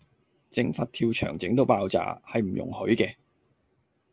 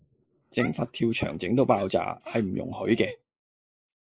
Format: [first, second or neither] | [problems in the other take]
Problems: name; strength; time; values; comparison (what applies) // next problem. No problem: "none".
first | noise reduction (neural mask model Resemble Enhance denoiser)